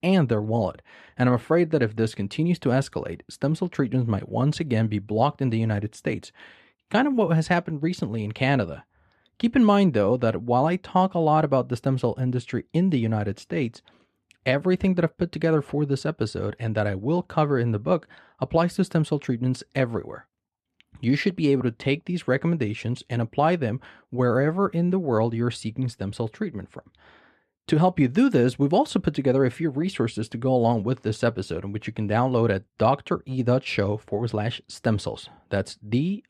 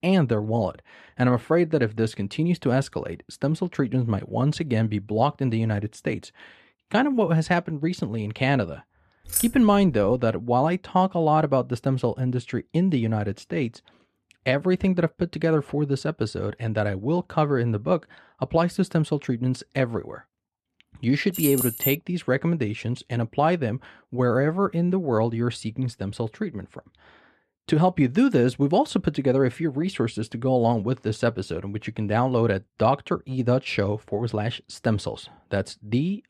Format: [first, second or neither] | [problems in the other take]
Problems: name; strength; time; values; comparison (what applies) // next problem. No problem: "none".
first | jangling keys; noticeable; at 9.5 s and at 21 s; peak 1 dB below the speech